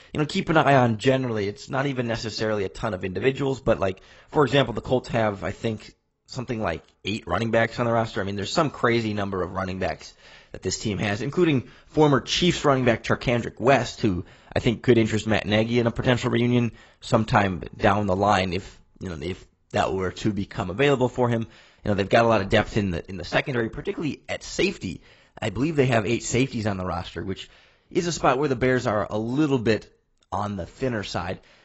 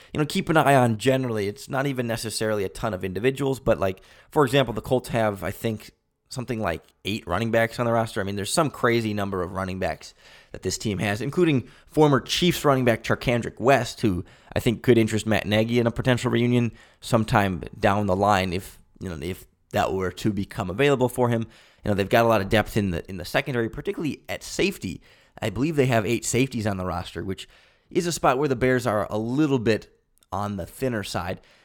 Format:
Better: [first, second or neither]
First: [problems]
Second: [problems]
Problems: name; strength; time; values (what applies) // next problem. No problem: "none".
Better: second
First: garbled, watery; badly; nothing above 8 kHz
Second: none